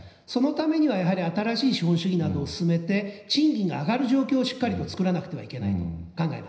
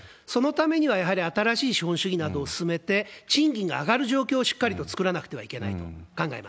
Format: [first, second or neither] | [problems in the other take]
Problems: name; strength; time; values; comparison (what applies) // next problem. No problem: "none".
second | room echo; dies away in 0.9 s